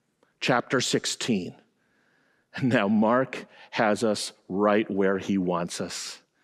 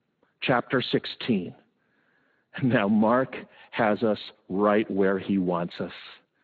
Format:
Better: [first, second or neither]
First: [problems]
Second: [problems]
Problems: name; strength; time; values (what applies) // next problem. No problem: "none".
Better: first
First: none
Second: garbled, watery; badly; nothing above 4 kHz